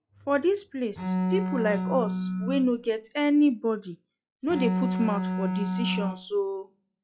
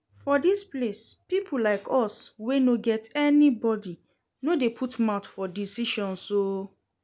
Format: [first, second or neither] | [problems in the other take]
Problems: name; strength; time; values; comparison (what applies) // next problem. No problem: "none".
second | noise reduction (classical method log-MMSE)